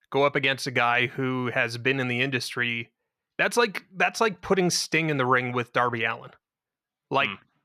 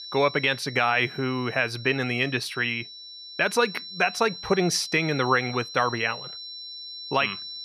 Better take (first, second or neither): first